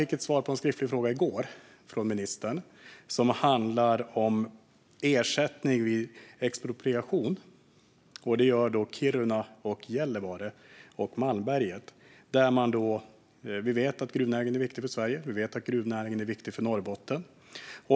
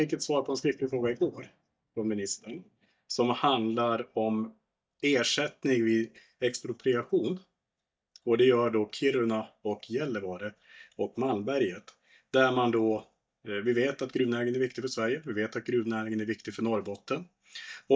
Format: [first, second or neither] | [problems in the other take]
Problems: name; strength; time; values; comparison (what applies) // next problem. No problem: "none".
first | noise reduction (neural mask model DeepFilterNet 3)